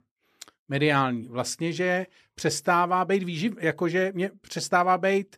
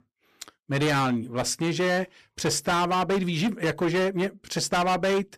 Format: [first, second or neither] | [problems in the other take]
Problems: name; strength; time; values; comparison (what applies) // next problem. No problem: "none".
first | distortion; heavy; 19% of the sound clipped